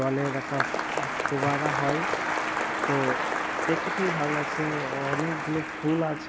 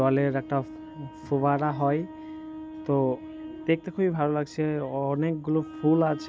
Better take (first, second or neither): second